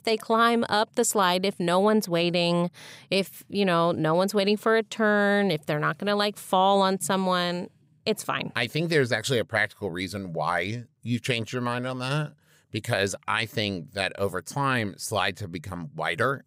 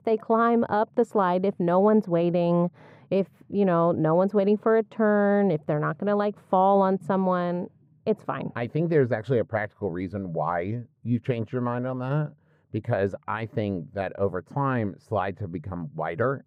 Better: first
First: none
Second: muffled; very; fading above 2.5 kHz

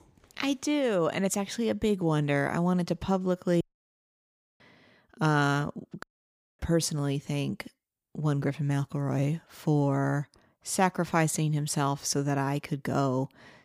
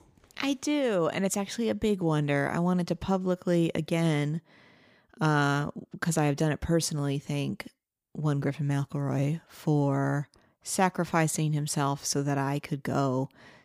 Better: second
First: audio cutting out; at 3.5 s for 1 s and at 6 s for 0.5 s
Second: none

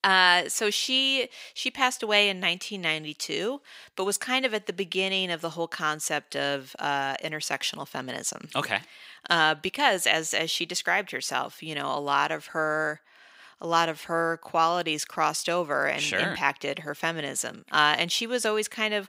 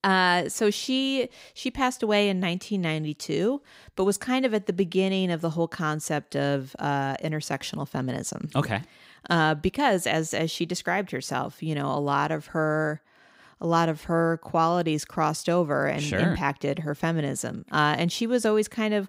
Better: second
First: thin; somewhat; fading below 1 kHz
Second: none

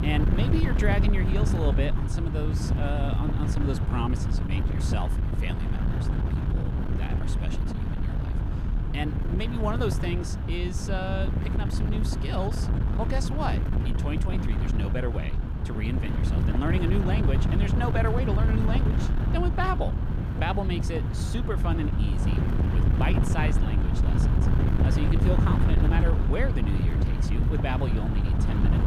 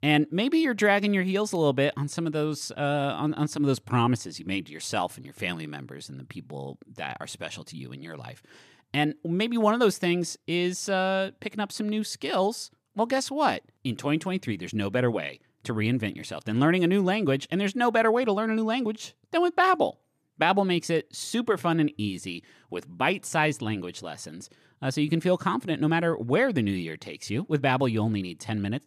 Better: second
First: wind noise on the microphone; heavy; 3 dB below the speech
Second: none

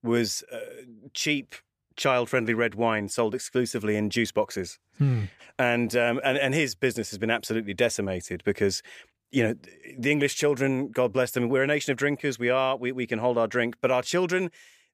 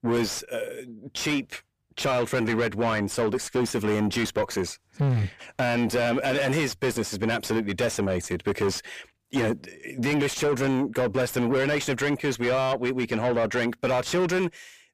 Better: first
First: none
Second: distortion; heavy; 6 dB below the speech

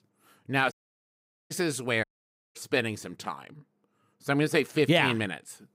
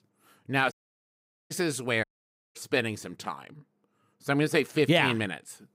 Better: neither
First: audio cutting out; at 0.5 s for 1 s and at 2 s for 0.5 s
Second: audio cutting out; at 0.5 s for 1 s and at 2 s for 0.5 s

